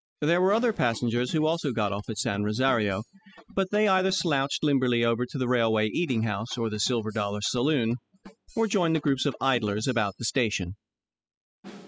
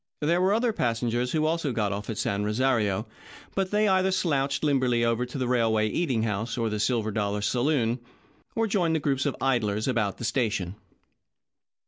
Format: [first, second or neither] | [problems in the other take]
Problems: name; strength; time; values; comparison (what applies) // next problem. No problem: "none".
second | noise reduction (classical method spectral subtraction)